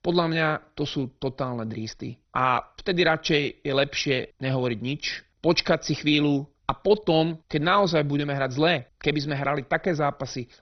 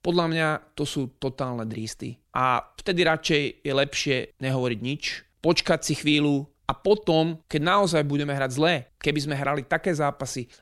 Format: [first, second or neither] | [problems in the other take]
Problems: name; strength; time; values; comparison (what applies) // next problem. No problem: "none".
second | garbled, watery; badly; nothing above 6 kHz